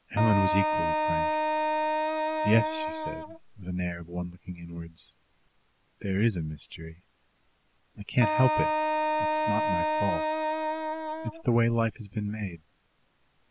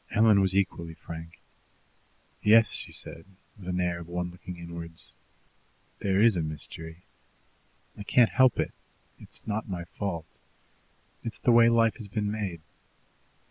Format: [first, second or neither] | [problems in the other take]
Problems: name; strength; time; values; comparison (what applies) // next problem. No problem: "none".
second | background sound (Wind instrument, woodwind instrument); 3 dB above the speech